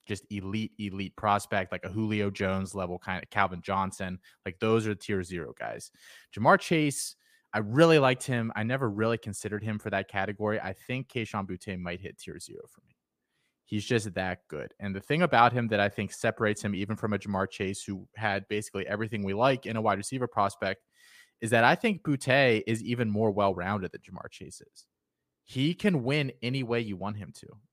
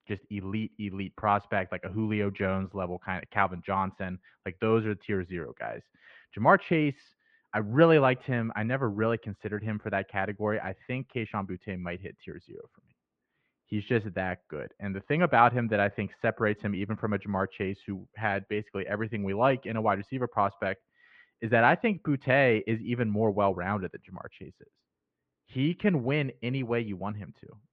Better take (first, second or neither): first